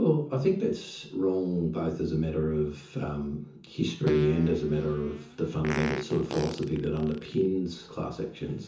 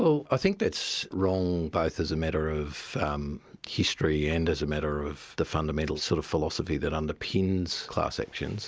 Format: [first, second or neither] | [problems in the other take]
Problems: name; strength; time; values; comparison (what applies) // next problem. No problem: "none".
second | background sound (Fart); 11 dB below the speech // room echo; dies away in 0.6 s